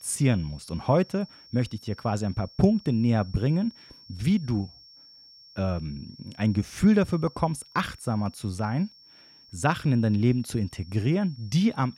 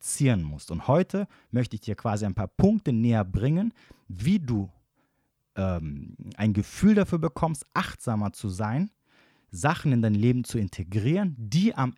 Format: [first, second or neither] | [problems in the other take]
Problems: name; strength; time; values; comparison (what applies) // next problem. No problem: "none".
second | high-pitched whine; faint; throughout; 5.5 kHz, 25 dB below the speech